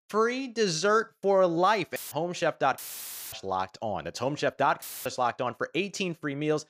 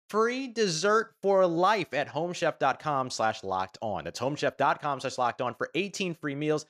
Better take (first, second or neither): second